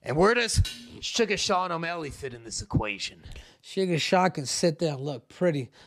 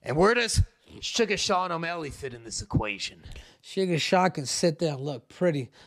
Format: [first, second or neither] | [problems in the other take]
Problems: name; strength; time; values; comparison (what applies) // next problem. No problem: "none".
second | clattering dishes; faint; at 0.5 s; peak 10 dB below the speech